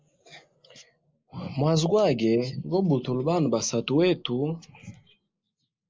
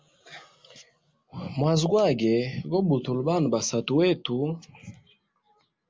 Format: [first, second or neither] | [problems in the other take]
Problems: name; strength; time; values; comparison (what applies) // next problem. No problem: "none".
second | noise reduction (neural mask model Resemble Enhance denoiser)